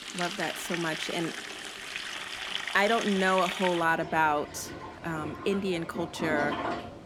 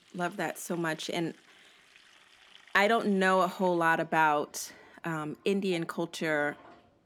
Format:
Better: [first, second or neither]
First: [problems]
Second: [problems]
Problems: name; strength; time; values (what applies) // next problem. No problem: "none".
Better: second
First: household noises; loud; throughout; 6 dB below the speech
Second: household noises; faint; throughout; 25 dB below the speech